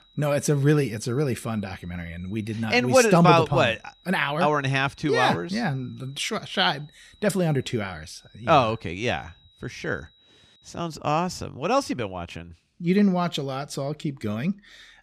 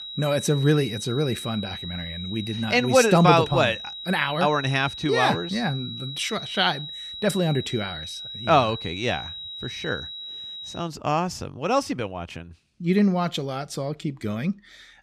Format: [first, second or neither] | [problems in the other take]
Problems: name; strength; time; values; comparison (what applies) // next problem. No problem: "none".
first | high-pitched whine; loud; until 11 s; 4 kHz, 10 dB below the speech; faint in the first